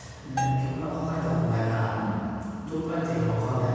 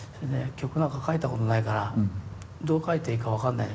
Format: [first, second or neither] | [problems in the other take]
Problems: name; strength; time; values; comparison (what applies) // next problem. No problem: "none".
second | background sound (Bell); 9 dB below the speech // room echo; dies away in 2.1 s